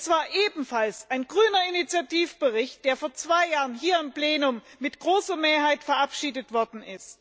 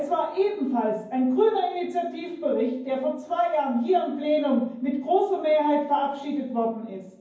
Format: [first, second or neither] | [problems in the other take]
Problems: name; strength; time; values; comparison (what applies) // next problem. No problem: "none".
first | room echo; dies away in 0.9 s